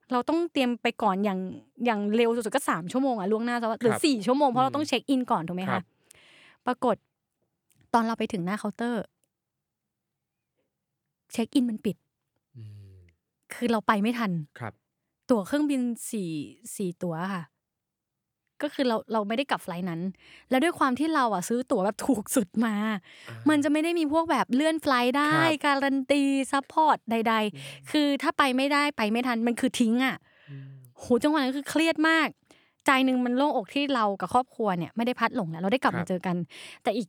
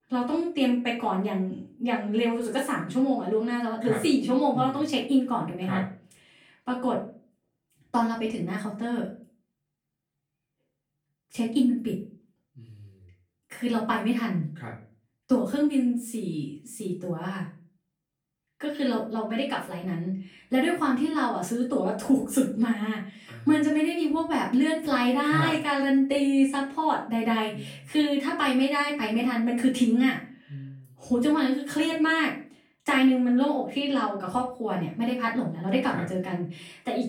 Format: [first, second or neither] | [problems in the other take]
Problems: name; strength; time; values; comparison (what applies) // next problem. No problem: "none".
first | off-mic speech; far // room echo; slight; dies away in 0.3 s